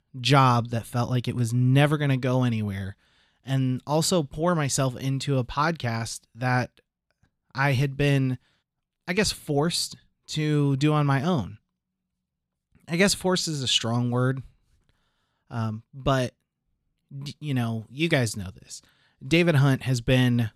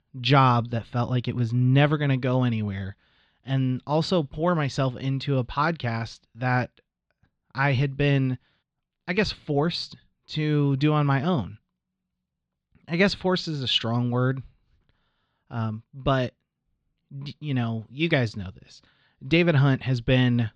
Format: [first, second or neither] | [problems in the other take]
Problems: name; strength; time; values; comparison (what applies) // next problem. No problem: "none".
first | muffled; very slightly; fading above 4.5 kHz